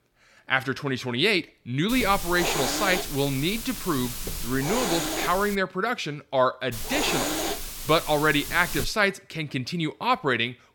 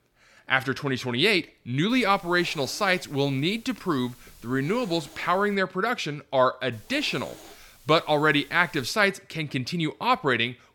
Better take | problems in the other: second | hiss; loud; from 2 to 5.5 s and from 6.5 to 9 s; 5 dB below the speech; faint in the second

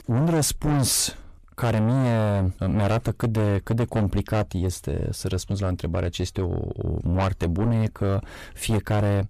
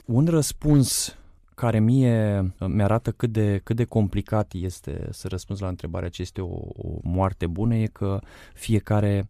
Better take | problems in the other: second | distortion; heavy; 5 dB below the speech

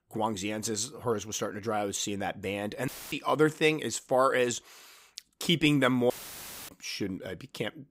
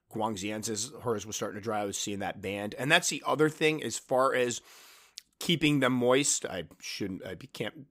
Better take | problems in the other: second | audio cutting out; filled with static; at 3 s and at 6 s for 0.5 s

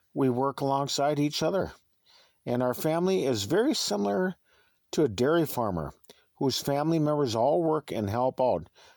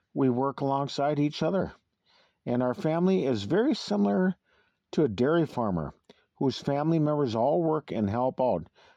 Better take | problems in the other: first | muffled; very slightly; fading above 3.5 kHz

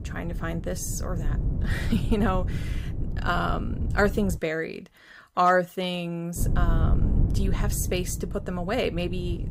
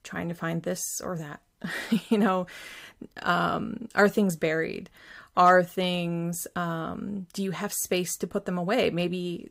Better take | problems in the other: second | wind noise on the microphone; occasional gusts; until 4.5 s and from 6.5 s on; 15 dB below the speech

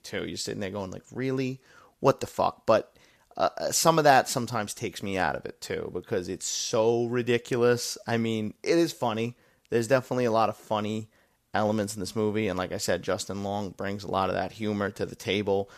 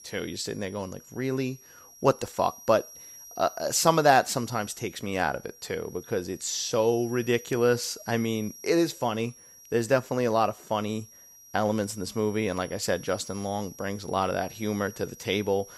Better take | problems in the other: first | high-pitched whine; noticeable; throughout; 5.5 kHz, 20 dB below the speech

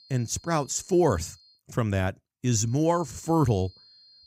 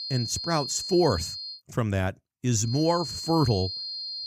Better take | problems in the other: first | high-pitched whine; loud; until 1.5 s and from 2.5 s on; 4 kHz, 6 dB below the speech; faint in the first

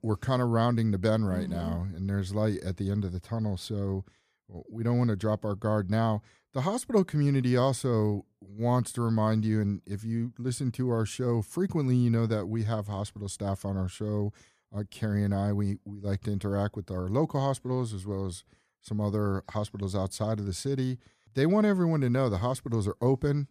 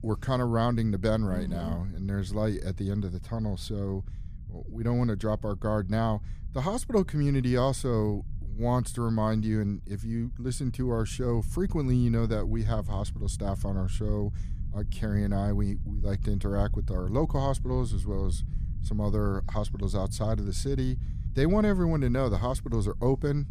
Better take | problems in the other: first | low rumble; faint; throughout; 20 dB below the speech

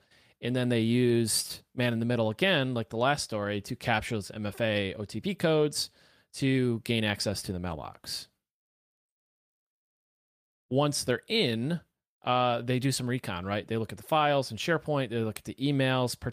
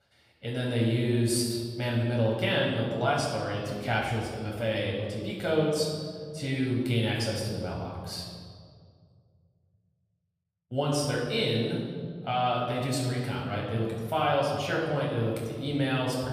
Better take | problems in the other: first | off-mic speech; far // room echo; noticeable; dies away in 1.8 s

